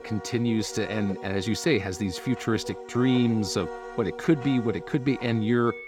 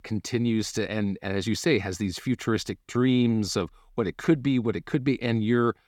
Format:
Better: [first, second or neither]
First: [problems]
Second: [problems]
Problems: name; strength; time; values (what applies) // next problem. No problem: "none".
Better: second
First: background music; noticeable; throughout; 15 dB below the speech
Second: none